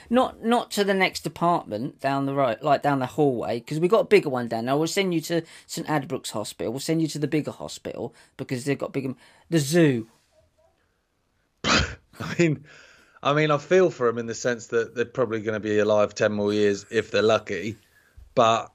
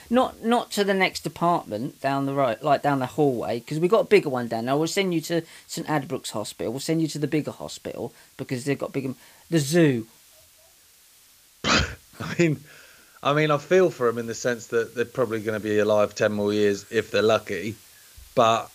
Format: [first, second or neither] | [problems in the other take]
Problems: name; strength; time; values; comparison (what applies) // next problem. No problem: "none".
first | hiss; faint; throughout; 25 dB below the speech